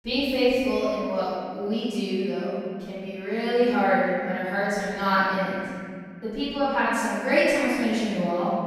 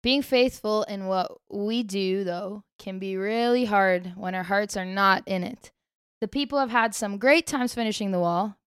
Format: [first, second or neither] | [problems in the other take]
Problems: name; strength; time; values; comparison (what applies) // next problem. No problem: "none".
second | off-mic speech; far // room echo; strong; dies away in 2 s